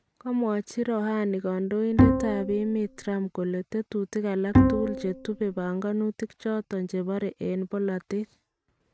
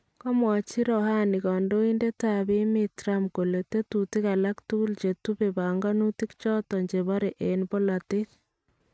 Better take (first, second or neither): second